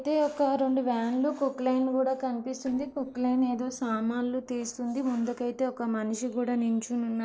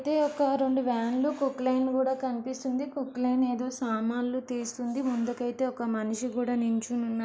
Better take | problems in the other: second | noise reduction (neural separator model SepFormer DNS4)

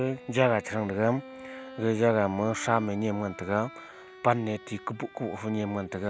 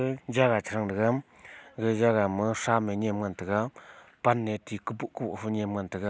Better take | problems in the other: second | background sound (Bowed string instrument); 18 dB below the speech

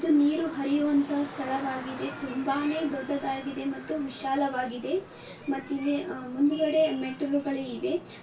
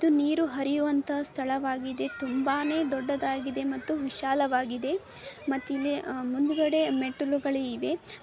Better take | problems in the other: second | background sound (Traffic noise, roadway noise); 17 dB below the speech // room echo; dies away in 0.2 s

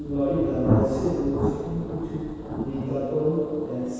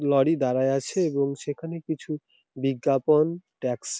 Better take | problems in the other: second | background sound (Thunder); 3 dB below the speech // room echo; dies away in 2 s

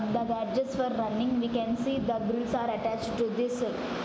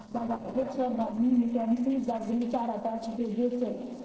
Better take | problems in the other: first | noise reduction (neural separator model SepFormer DNS4)

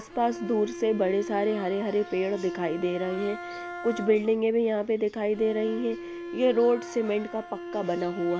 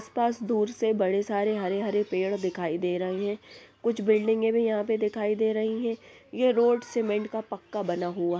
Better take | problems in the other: second | background sound (Bowed string instrument); 12 dB below the speech

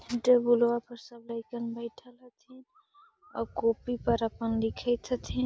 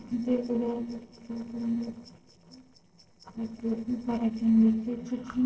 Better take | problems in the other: first | noise reduction (neural separator model SepFormer DNS4)

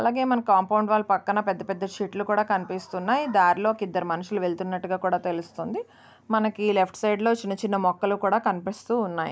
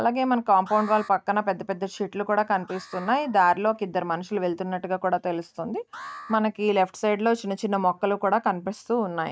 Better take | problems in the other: first | noise reduction (neural mask model RNNoise)

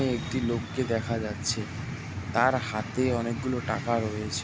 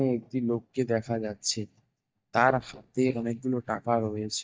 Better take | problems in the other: first | noise reduction (neural mask model DeepFilterNet 3)

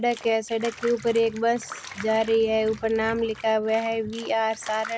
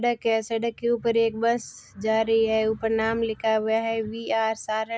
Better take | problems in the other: second | background sound (Bathtub (filling or washing)); 18 dB below the speech

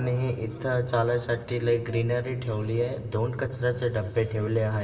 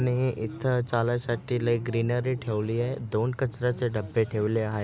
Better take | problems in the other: second | room echo; dies away in 2.1 s

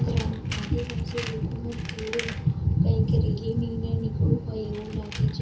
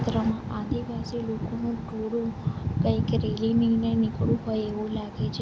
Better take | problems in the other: second | background sound (Tools); 16 dB below the speech // room echo; dies away in 0.2 s

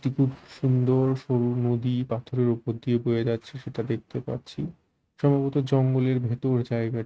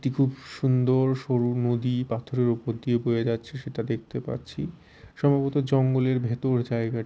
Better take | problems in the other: second | noise reduction (neural mask model RNNoise)

